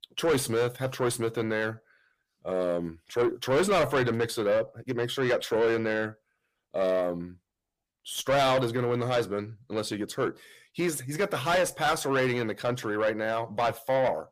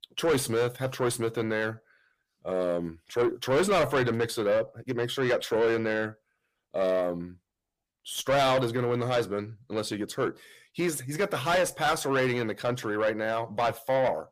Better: neither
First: distortion; heavy; 6 dB below the speech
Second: distortion; heavy; 6 dB below the speech

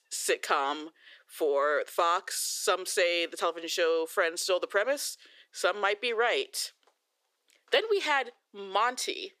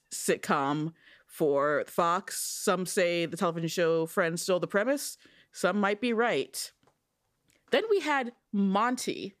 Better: second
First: thin; very; fading below 350 Hz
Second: none

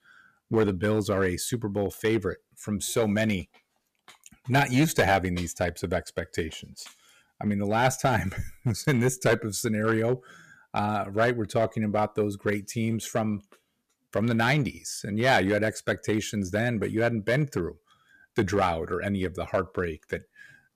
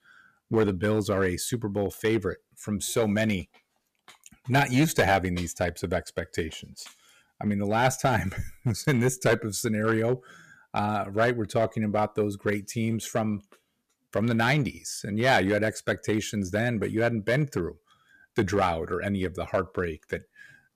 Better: neither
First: distortion; slight; 2% of the sound clipped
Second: distortion; slight; 2% of the sound clipped

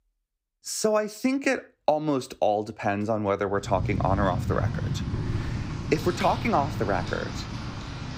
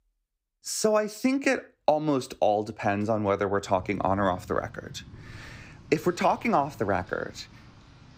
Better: second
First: rain or running water; loud; from 4 s on; 5 dB below the speech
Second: rain or running water; faint; from 4 s on; 20 dB below the speech

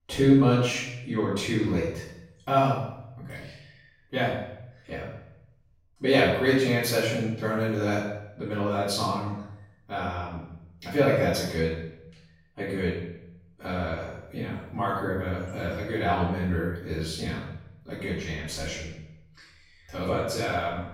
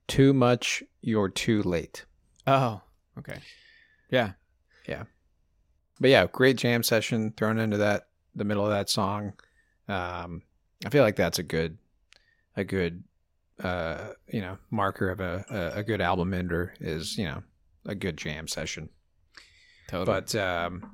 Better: second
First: off-mic speech; far // room echo; noticeable; dies away in 0.7 s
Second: none

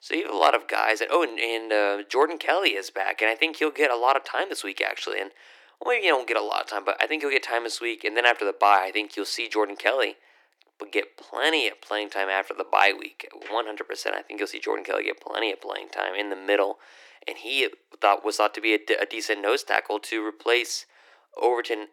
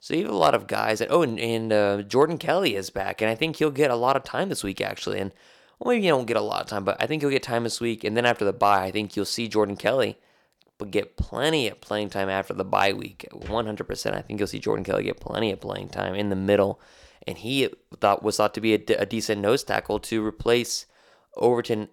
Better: second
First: thin; very; fading below 300 Hz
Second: none

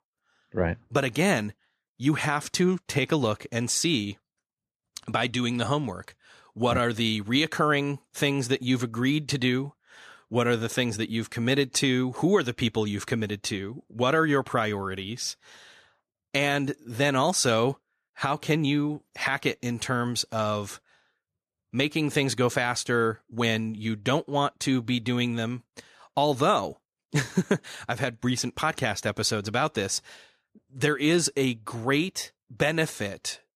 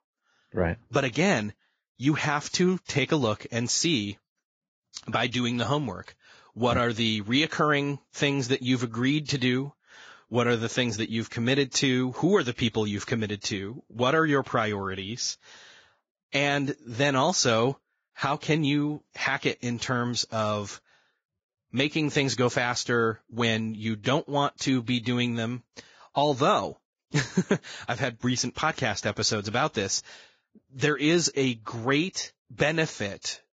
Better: first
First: none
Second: garbled, watery; badly; nothing above 7.5 kHz

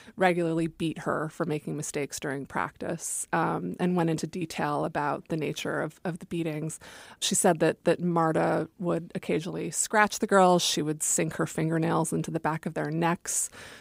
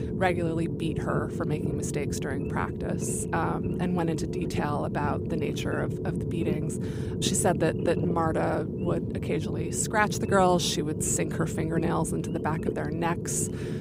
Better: first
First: none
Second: low rumble; loud; throughout; 7 dB below the speech

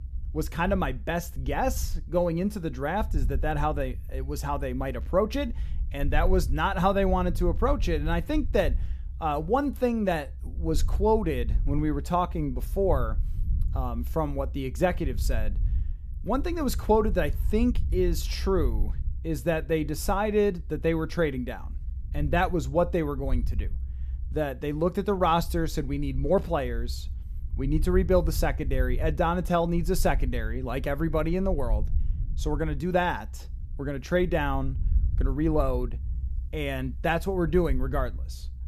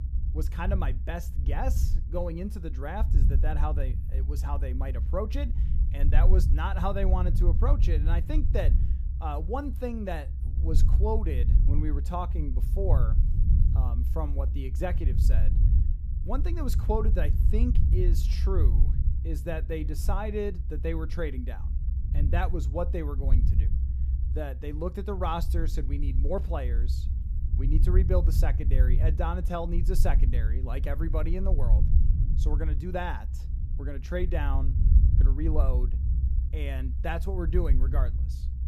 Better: first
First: low rumble; faint; throughout; 25 dB below the speech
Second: low rumble; loud; throughout; 10 dB below the speech

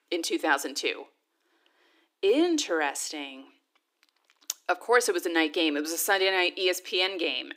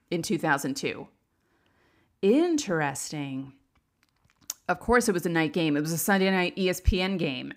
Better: second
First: thin; somewhat; fading below 300 Hz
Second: none

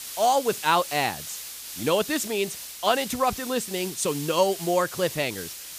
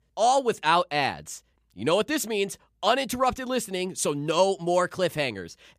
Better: second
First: hiss; loud; throughout; 10 dB below the speech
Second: none

